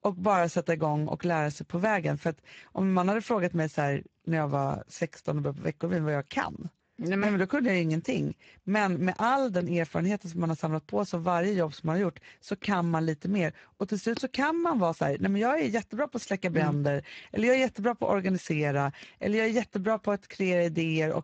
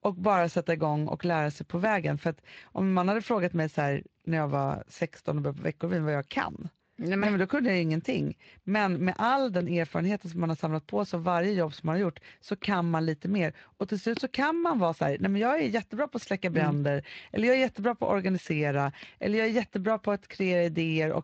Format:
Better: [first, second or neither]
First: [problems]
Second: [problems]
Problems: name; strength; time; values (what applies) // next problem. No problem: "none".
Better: second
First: garbled, watery; badly; nothing above 7.5 kHz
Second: garbled, watery; slightly; nothing above 7.5 kHz